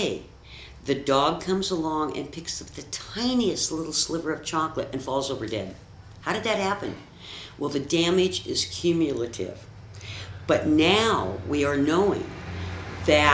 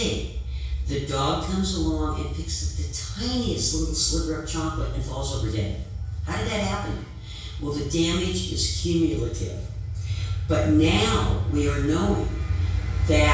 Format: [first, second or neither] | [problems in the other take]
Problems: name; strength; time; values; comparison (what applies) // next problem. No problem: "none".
first | room echo; dies away in 0.6 s